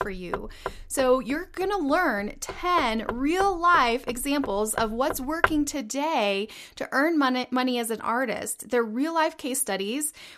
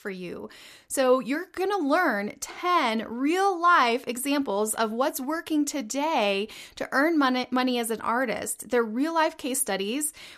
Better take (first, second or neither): second